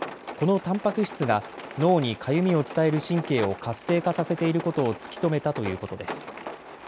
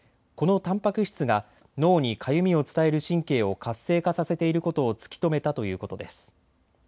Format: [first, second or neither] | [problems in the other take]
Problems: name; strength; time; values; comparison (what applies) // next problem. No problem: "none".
second | background sound (Rain); 12 dB below the speech